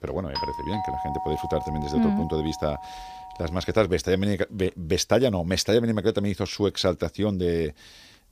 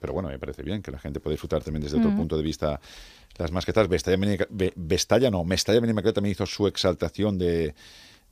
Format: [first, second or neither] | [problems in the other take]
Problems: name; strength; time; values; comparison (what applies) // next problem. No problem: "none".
second | doorbell; noticeable; until 3.5 s; peak 4 dB below the speech